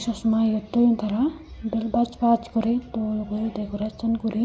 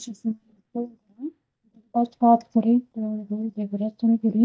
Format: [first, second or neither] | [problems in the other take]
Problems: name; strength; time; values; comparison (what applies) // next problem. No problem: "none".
first | noise reduction (neural mask model DeepFilterNet 3)